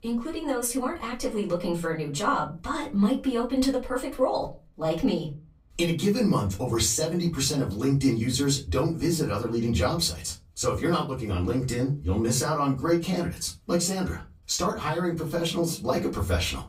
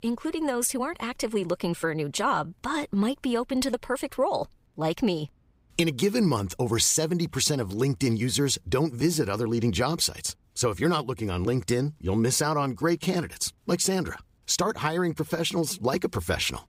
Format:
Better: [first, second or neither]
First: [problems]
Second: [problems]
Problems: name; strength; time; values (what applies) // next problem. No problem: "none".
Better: second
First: off-mic speech; far // room echo; very slight; dies away in 0.2 s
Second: none